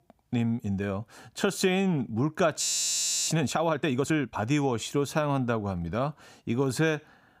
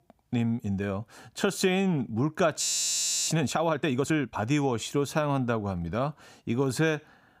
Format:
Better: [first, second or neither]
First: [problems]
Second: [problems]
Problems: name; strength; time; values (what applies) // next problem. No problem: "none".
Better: neither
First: audio freezing; at 2.5 s for 0.5 s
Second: audio freezing; at 2.5 s for 0.5 s